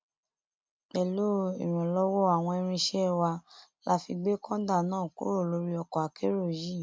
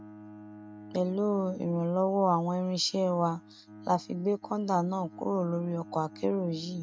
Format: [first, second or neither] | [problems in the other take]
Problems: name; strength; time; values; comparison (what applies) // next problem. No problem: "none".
first | noise reduction (neural mask model RNNoise)